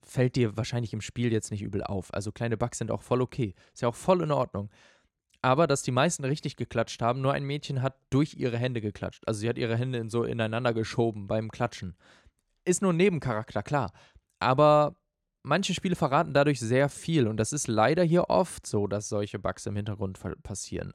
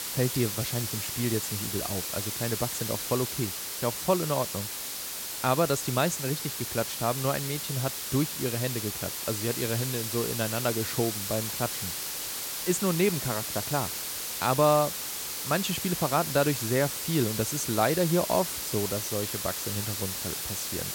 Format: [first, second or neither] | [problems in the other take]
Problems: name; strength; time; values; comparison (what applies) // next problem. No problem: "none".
first | hiss; loud; throughout; 2 dB below the speech